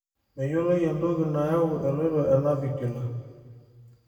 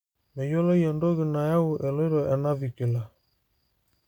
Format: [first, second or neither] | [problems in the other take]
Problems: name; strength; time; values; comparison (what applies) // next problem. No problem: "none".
second | room echo; dies away in 1.8 s